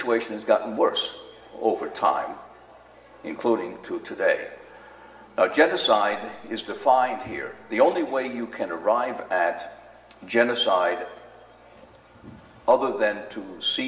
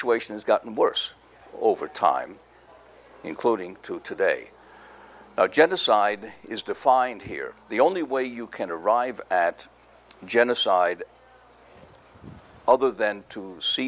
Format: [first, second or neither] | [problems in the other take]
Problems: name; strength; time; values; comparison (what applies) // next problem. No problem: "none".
second | room echo; dies away in 2.4 s